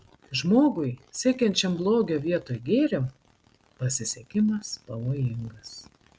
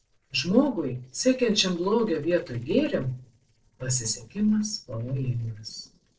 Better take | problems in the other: first | noise reduction (neural separator model SepFormer DNS4)

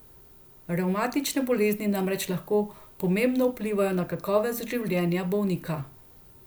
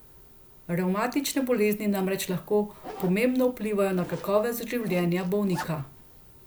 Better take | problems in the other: first | background sound (Zipper (clothing)); 19 dB below the speech

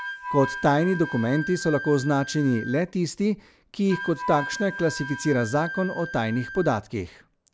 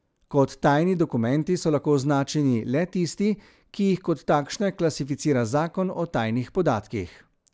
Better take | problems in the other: second | background sound (Wind instrument, woodwind instrument); 10 dB below the speech

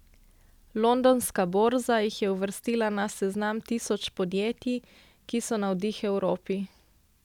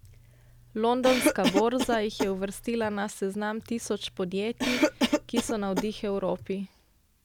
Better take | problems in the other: first | background sound (Cough); 2 dB below the speech

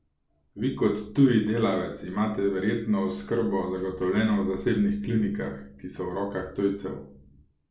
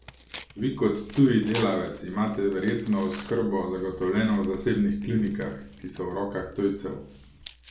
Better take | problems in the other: first | background sound (Tearing); 20 dB below the speech

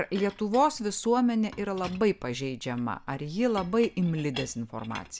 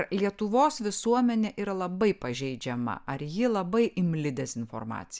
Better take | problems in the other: second | background sound (Chink, clink); 20 dB below the speech

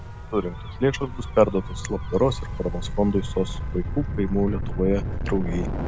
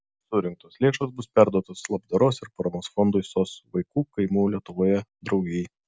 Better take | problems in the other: second | background sound (Gull, seagull / Waves, surf / Siren); 4 dB below the speech

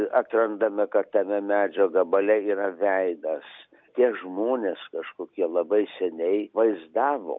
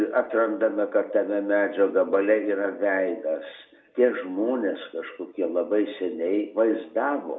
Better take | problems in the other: first | room echo; dies away in 0.6 s

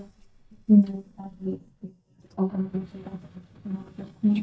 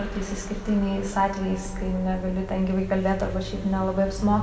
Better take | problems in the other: second | noise reduction (neural mask model DeepFilterNet 3)

